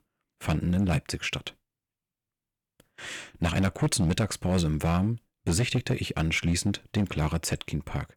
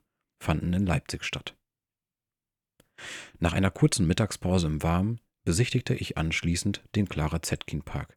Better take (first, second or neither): second